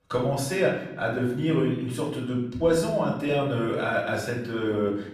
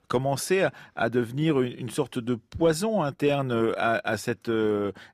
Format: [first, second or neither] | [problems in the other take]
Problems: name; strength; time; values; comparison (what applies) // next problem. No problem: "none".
second | off-mic speech; far // room echo; noticeable; dies away in 0.7 s